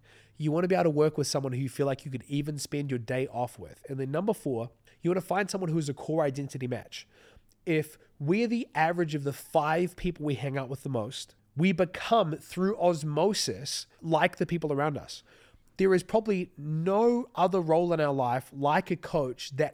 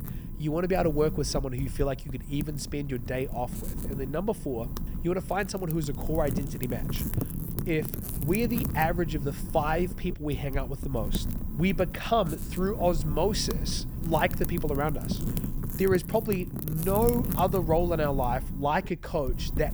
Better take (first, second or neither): first